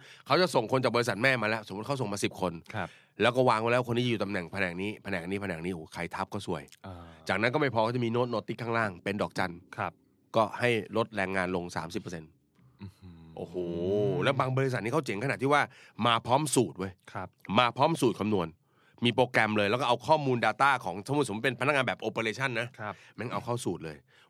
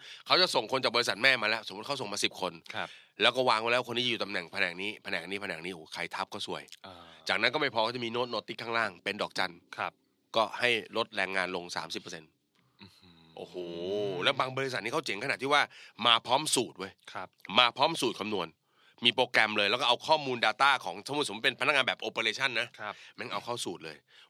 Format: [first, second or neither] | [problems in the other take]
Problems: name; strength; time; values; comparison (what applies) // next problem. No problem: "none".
first | thin; very slightly; fading below 450 Hz